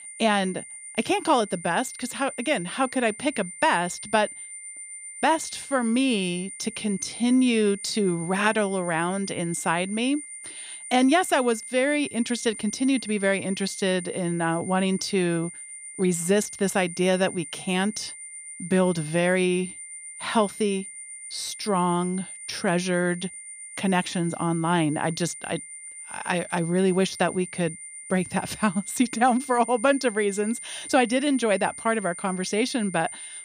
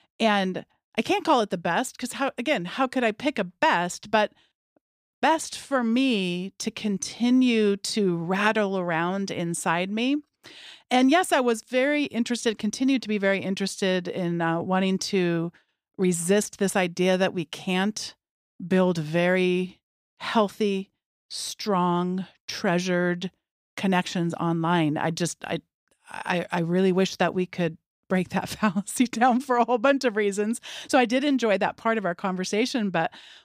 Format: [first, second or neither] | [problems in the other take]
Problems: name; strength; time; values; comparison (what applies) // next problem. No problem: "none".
second | high-pitched whine; noticeable; throughout; 9 kHz, 10 dB below the speech